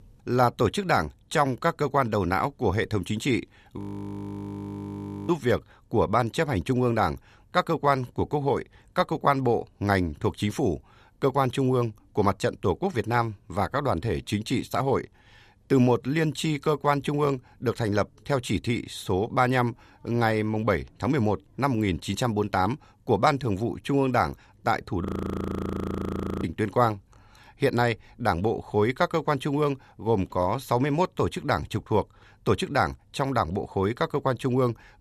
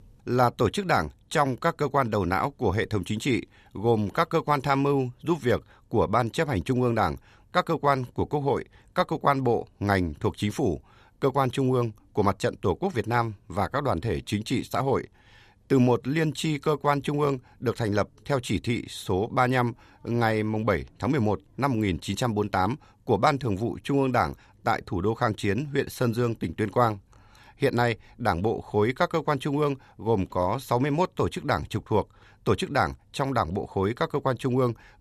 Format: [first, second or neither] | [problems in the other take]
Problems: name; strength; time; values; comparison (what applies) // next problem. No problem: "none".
second | audio freezing; at 4 s for 1.5 s and at 25 s for 1.5 s